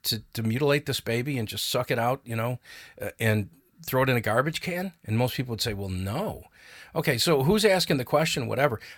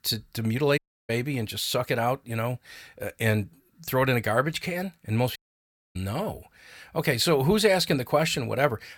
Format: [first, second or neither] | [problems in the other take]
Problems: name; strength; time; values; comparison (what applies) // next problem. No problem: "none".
first | audio cutting out; at 1 s and at 5.5 s for 0.5 s